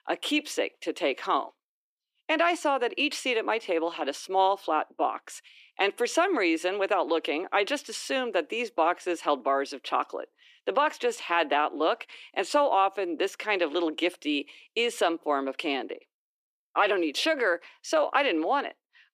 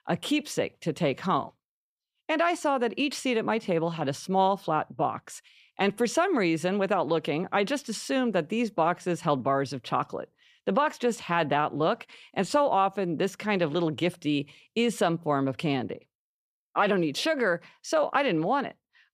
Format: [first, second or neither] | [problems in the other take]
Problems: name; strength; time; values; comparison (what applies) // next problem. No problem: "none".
second | thin; somewhat; fading below 300 Hz